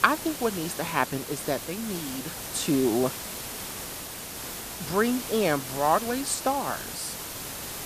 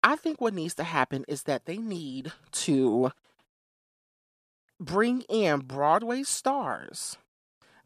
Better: second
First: hiss; loud; throughout; 7 dB below the speech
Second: none

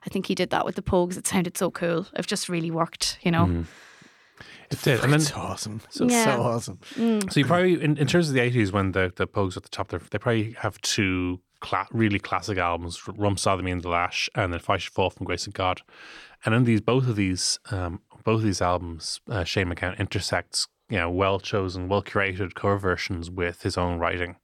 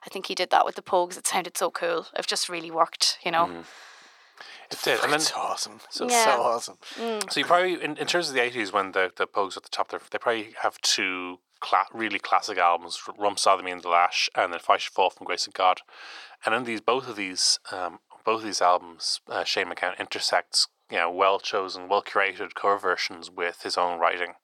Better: first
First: none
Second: thin; very; fading below 550 Hz

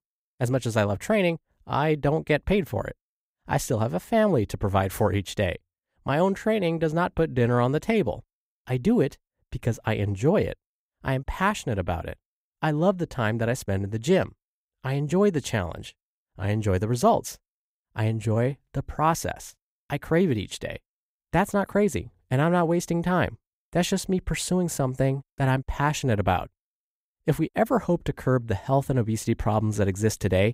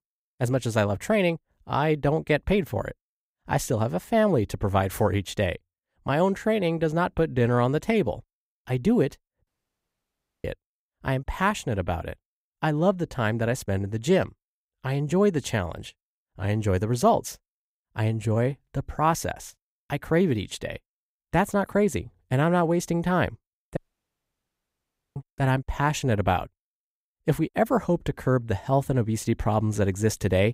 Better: first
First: none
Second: audio cutting out; at 9.5 s for 1 s and at 24 s for 1.5 s

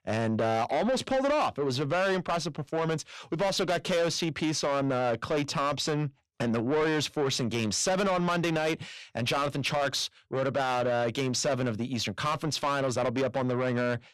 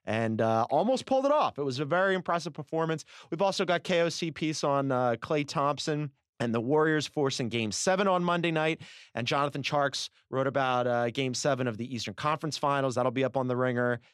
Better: second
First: distortion; heavy; 8 dB below the speech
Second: none

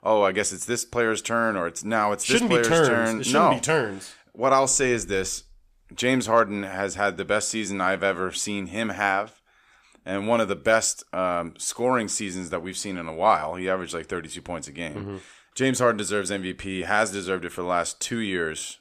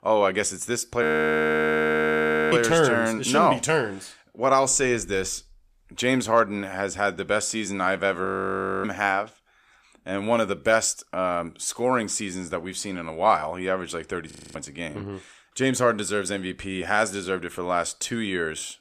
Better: first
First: none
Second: audio freezing; at 1 s for 1.5 s, at 8.5 s for 0.5 s and at 14 s

